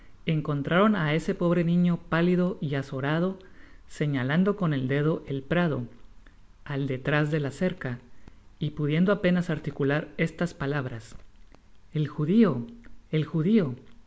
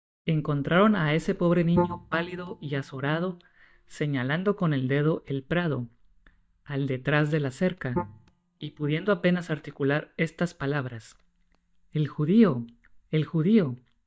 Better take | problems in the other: first | noise reduction (neural mask model DeepFilterNet 3)

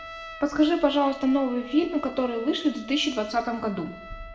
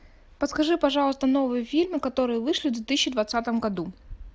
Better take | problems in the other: second | background sound (Trumpet); 17 dB below the speech // room echo; dies away in 0.7 s

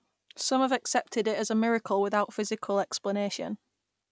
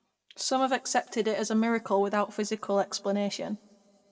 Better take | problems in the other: first | room echo; dies away in 1.9 s

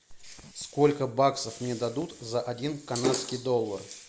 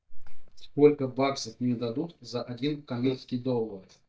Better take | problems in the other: first | noise reduction (neural mask model DeepFilterNet 3)

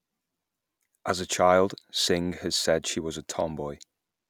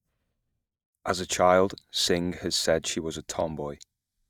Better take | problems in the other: first | noise reduction (neural mask model DeepFilterNet 3)

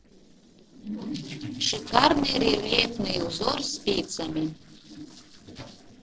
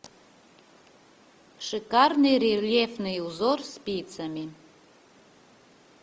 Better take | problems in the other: second | noise reduction (neural separator model SepFormer DNS4)

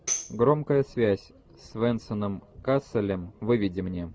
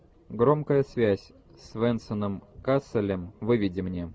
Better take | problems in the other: second | background sound (Tambourine); 10 dB below the speech

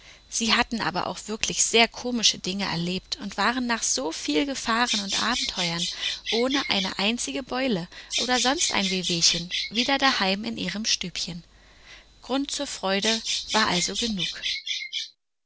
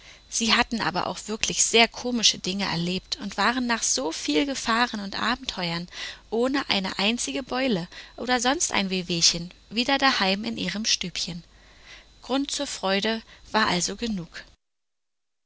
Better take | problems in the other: second | background sound (Bird vocalization, bird call, bird song); 3 dB below the speech

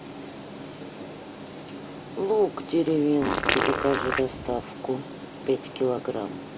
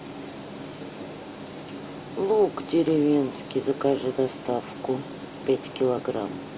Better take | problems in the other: second | background sound (Fart); as loud as the speech

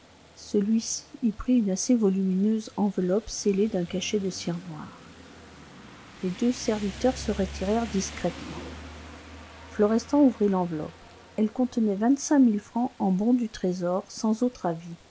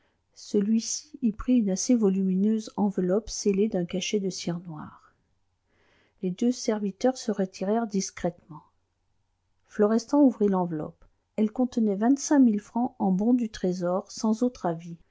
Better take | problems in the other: second | background sound (Rain); 18 dB below the speech

